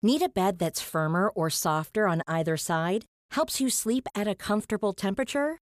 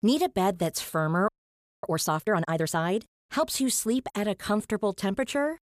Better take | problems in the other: first | audio freezing; at 1.5 s for 0.5 s

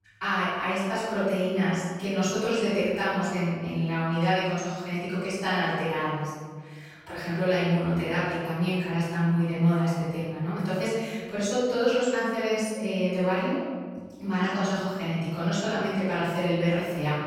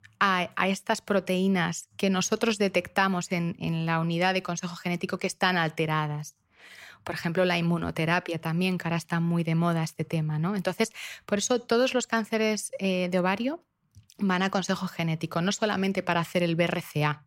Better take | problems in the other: second | off-mic speech; far // room echo; strong; dies away in 1.5 s

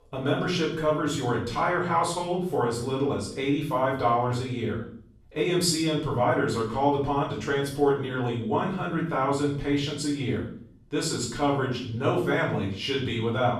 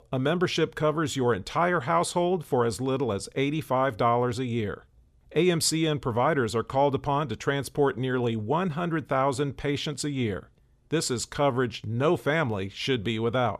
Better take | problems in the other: second | room echo; noticeable; dies away in 0.5 s // off-mic speech; far

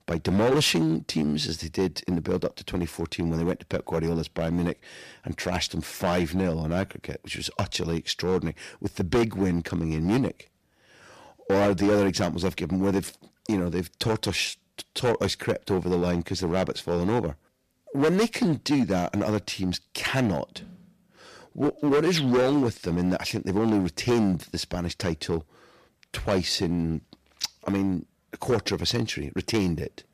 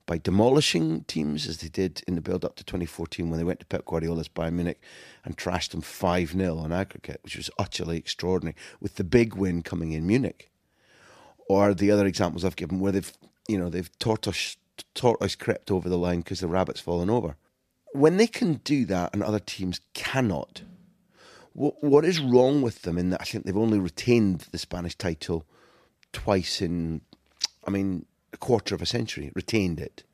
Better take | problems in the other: second | distortion; heavy; 7% of the sound clipped

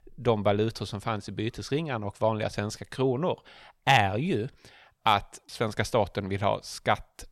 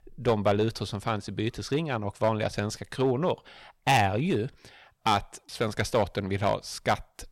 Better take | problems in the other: first | distortion; slight; 3% of the sound clipped

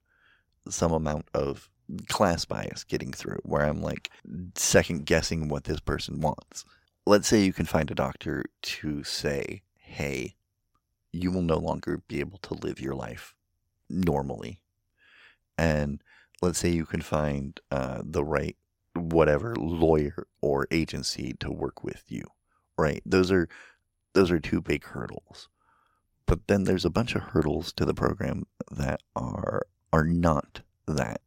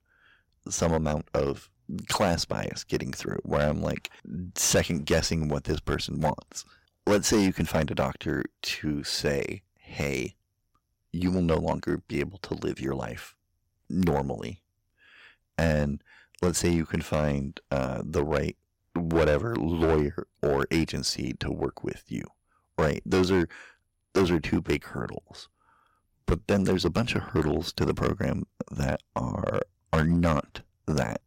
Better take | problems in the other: first | distortion; slight; 4% of the sound clipped

